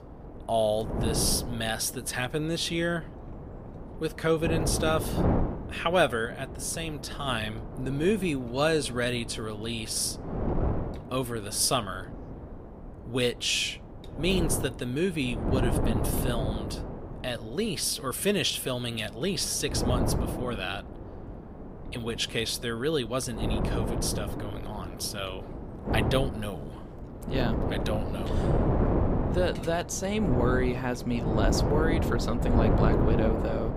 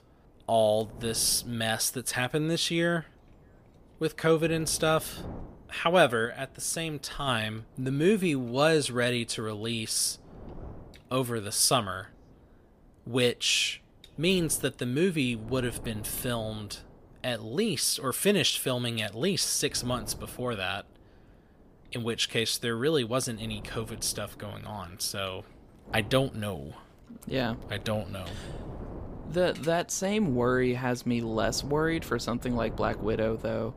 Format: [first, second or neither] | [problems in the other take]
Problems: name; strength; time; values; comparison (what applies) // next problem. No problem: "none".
second | wind noise on the microphone; heavy; 5 dB below the speech; occasional gusts in the second